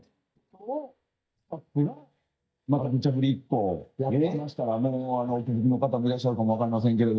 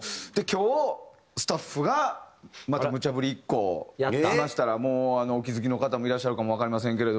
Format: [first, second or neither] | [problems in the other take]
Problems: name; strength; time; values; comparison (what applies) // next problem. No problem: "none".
second | noise reduction (neural mask model DeepFilterNet 3)